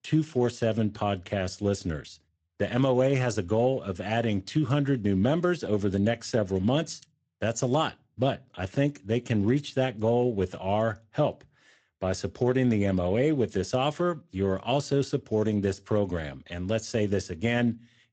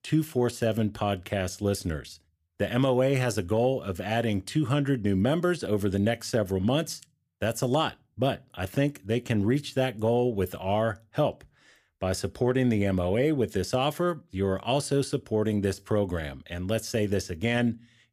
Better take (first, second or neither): second